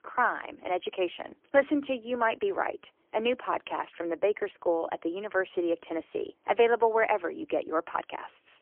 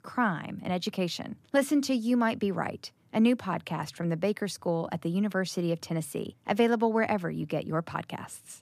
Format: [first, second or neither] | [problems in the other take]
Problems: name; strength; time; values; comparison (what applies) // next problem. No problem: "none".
second | phone-call audio; poor line; nothing above 3.5 kHz